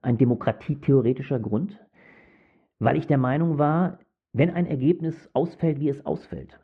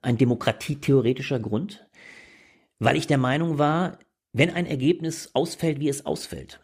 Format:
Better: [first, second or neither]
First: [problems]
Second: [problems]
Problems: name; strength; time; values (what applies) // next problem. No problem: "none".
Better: second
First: muffled; very; fading above 1.5 kHz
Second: none